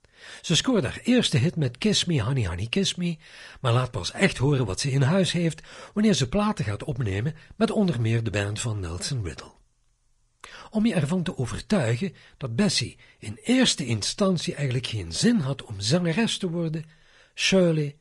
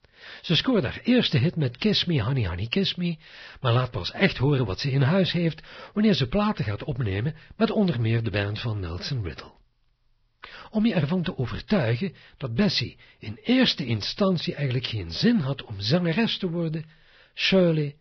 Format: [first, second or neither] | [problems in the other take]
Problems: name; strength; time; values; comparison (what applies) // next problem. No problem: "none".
first | garbled, watery; badly; nothing above 5.5 kHz; slightly in the first